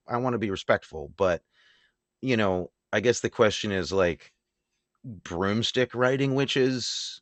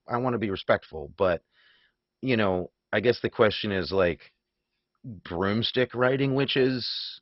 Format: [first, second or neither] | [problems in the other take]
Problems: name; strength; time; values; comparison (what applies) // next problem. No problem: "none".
first | garbled, watery; badly; nothing above 5.5 kHz; slightly in the first